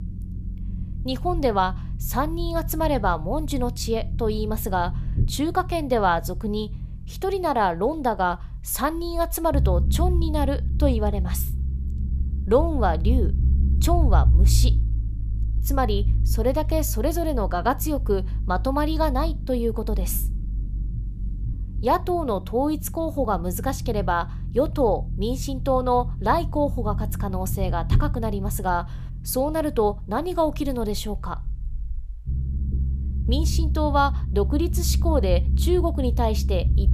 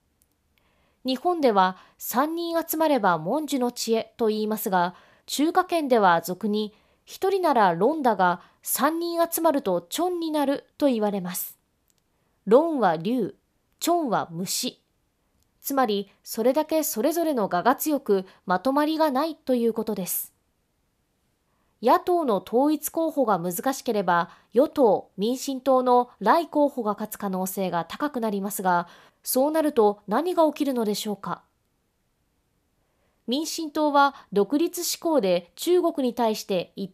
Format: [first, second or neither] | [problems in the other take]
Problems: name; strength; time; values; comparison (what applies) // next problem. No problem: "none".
second | low rumble; noticeable; throughout; 20 dB below the speech